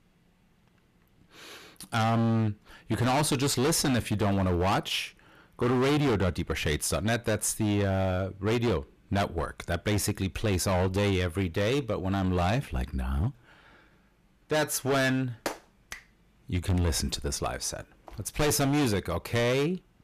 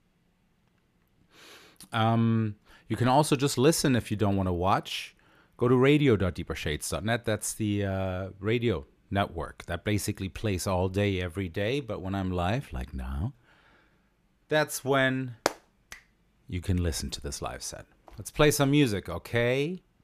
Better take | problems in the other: second | distortion; heavy; 15% of the sound clipped

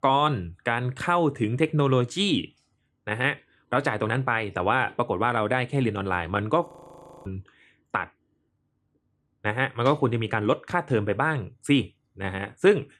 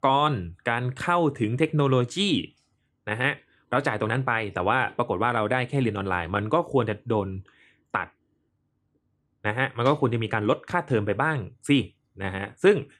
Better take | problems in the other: second | audio freezing; at 6.5 s for 0.5 s

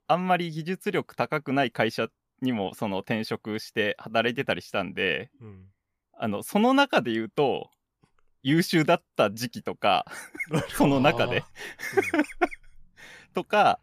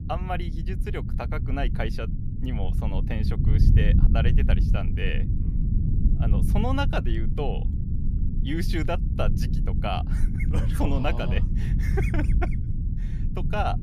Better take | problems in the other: first | low rumble; loud; throughout; 7 dB below the speech

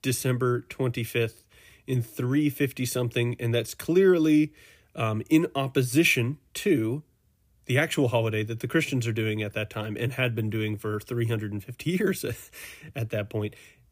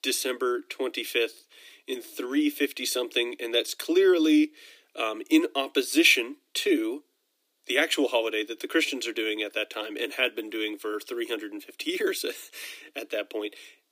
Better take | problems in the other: first | thin; somewhat; fading below 300 Hz

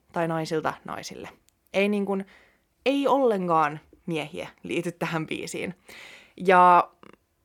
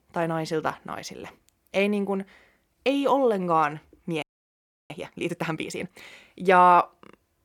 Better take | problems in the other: first | audio freezing; at 4 s for 0.5 s

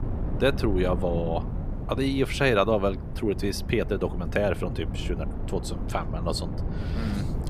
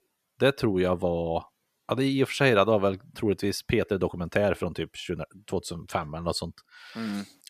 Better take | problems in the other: second | wind noise on the microphone; occasional gusts; 15 dB below the speech

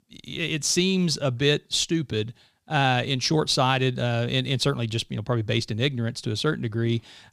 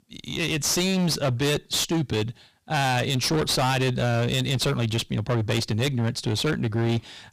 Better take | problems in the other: first | distortion; heavy; 28% of the sound clipped

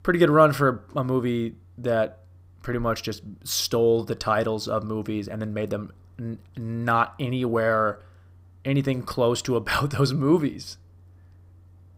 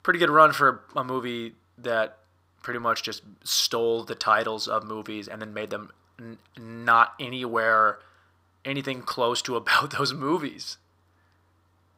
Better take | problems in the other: first | thin; somewhat; fading below 850 Hz

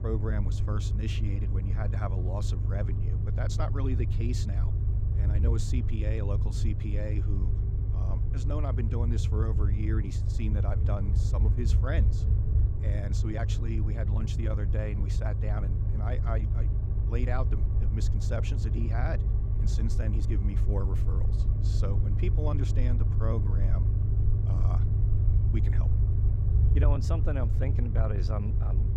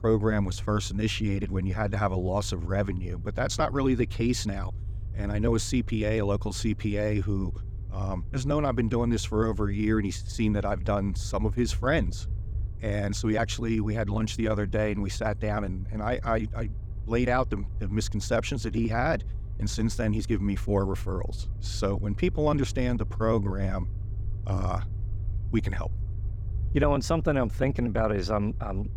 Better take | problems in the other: second | low rumble; loud; throughout; 3 dB below the speech; faint in the second

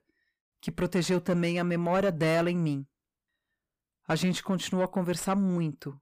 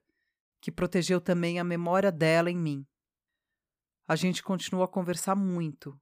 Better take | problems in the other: second | distortion; slight; 10 dB below the speech

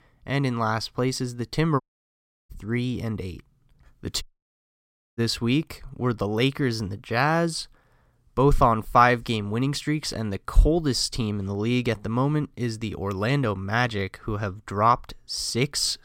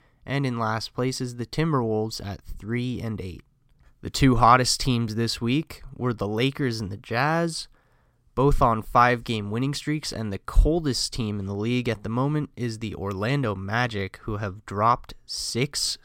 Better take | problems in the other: second | audio cutting out; at 2 s for 0.5 s and at 4 s for 1 s

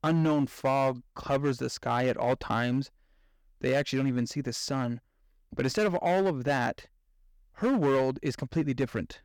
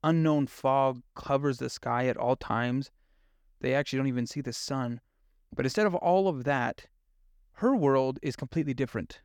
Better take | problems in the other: second | distortion; slight; 6% of the sound clipped

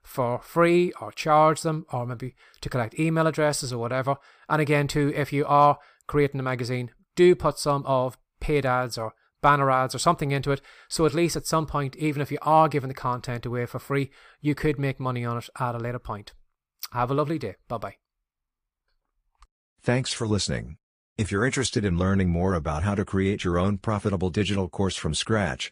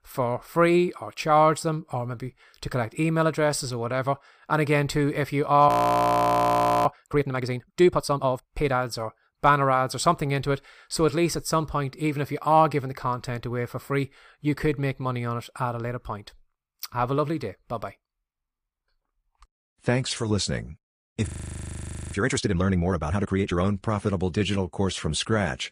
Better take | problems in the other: first | audio freezing; at 5.5 s for 1 s and at 21 s for 1 s

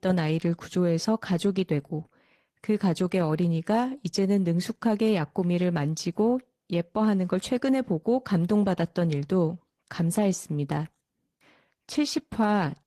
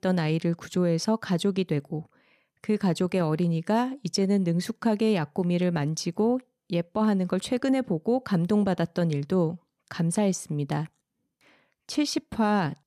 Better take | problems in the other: second | garbled, watery; slightly; nothing above 14.5 kHz

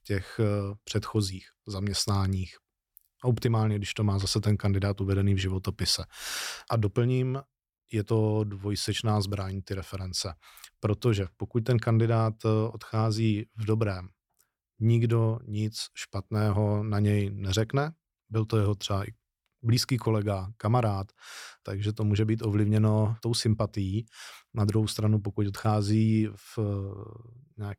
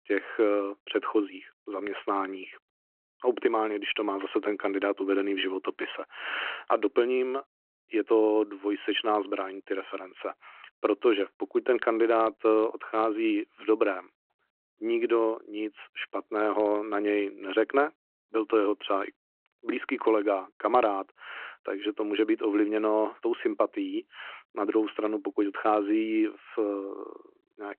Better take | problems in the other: first | phone-call audio

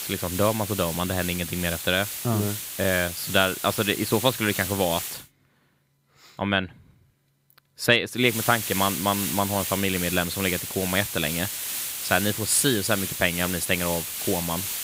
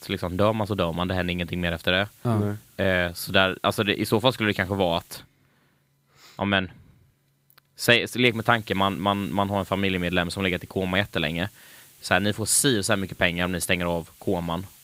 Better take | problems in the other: second | hiss; loud; until 5 s and from 8.5 s on; 4 dB below the speech; faint in the second

